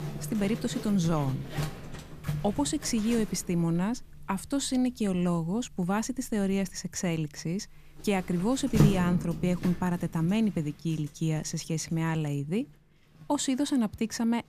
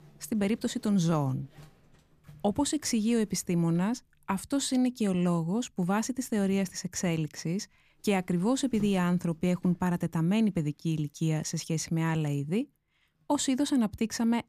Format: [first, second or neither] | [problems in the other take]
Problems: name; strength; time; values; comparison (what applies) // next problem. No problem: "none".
second | household noises; loud; throughout; 5 dB below the speech; faint in the second